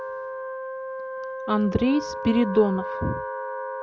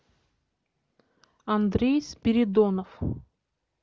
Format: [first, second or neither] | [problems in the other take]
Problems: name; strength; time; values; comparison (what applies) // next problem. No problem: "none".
second | background sound (Wind instrument, woodwind instrument); 6 dB below the speech